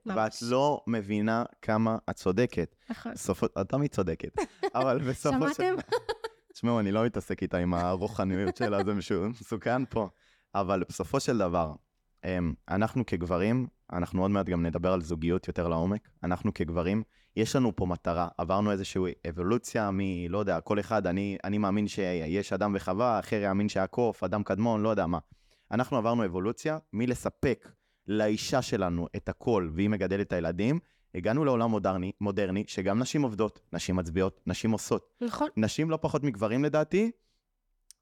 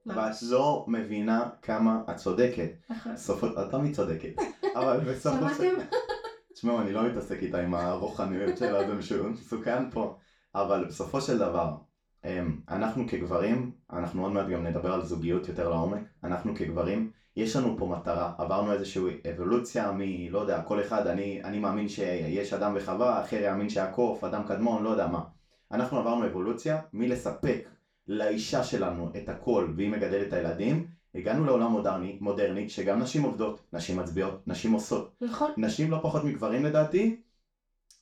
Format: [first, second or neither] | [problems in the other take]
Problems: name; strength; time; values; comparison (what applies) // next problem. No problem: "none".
first | room echo; slight; dies away in 0.3 s // off-mic speech; far